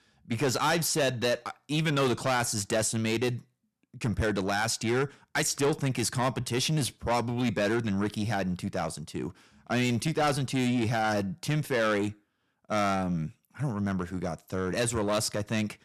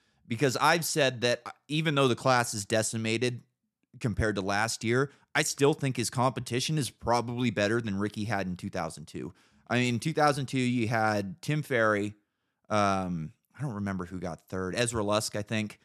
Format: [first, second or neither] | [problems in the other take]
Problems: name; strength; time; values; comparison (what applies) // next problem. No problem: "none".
second | distortion; heavy; 8 dB below the speech